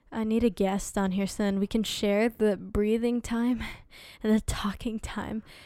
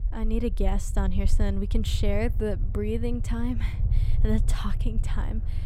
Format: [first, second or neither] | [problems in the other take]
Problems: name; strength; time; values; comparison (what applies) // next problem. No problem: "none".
first | low rumble; noticeable; throughout; 15 dB below the speech